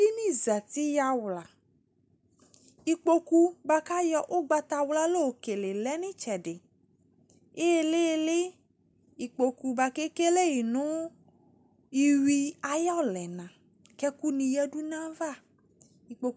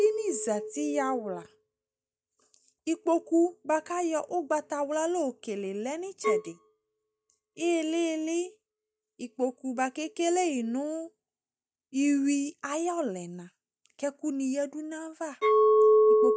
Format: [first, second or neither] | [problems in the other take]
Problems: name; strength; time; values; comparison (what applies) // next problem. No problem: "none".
first | noise reduction (neural mask model DeepFilterNet 3)